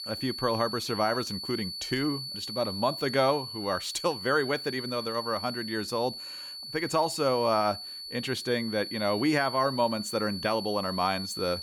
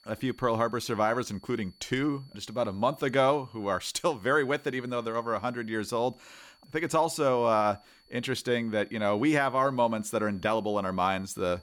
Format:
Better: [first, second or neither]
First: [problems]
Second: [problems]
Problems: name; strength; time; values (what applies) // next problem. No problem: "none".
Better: second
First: high-pitched whine; loud; throughout; 4.5 kHz, 7 dB below the speech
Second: high-pitched whine; faint; throughout; 4.5 kHz, 30 dB below the speech